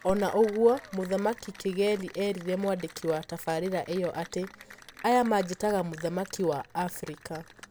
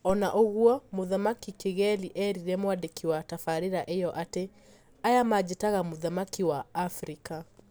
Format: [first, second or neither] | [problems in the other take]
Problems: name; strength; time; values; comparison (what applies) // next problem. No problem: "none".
second | background sound (Applause / Cheering); 20 dB below the speech